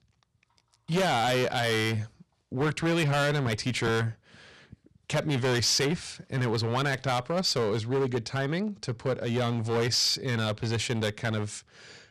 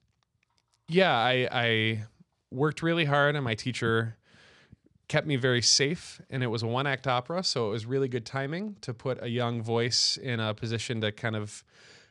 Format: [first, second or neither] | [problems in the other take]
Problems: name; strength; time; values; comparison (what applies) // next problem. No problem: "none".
second | distortion; heavy; 15% of the sound clipped